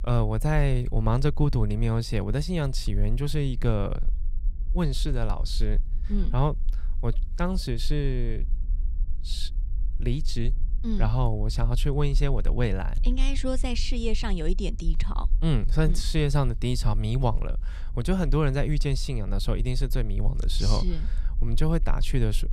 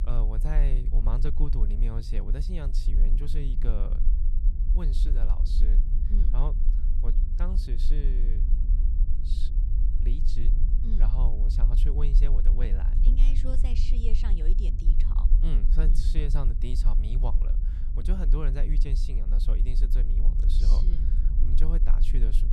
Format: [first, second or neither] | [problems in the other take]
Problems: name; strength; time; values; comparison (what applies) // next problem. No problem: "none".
first | low rumble; loud; throughout; 6 dB below the speech; faint in the first